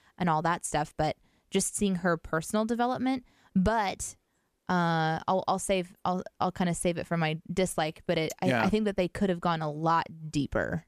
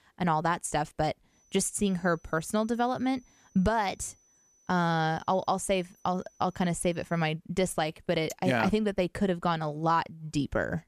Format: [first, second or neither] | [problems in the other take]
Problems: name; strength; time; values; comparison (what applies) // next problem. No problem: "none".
first | high-pitched whine; faint; from 1.5 to 7.5 s; 6 kHz, 35 dB below the speech